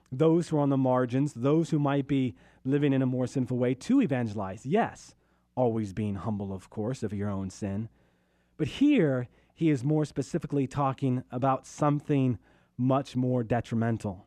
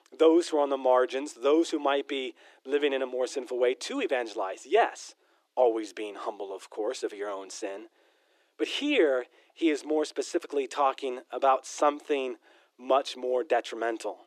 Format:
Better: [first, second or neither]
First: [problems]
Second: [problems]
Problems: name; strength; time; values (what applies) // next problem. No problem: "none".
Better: first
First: none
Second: thin; very; fading below 350 Hz